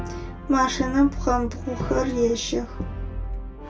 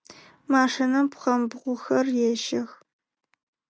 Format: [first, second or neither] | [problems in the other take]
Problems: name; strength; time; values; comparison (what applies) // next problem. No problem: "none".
second | background sound (Brass instrument); 6 dB below the speech // room echo; dies away in 0.2 s